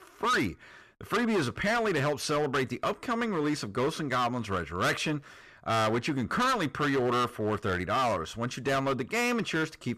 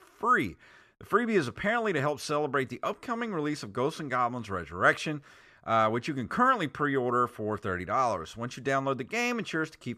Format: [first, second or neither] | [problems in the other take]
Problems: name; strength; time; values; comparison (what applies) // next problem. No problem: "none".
second | distortion; heavy; 15% of the sound clipped